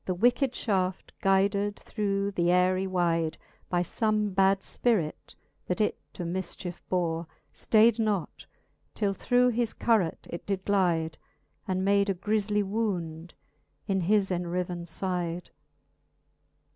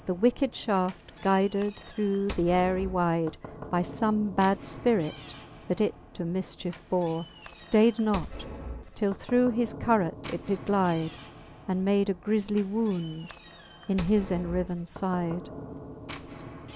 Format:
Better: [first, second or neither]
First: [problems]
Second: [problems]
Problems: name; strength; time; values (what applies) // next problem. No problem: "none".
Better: first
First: none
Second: background sound (Knock / Slam); 14 dB below the speech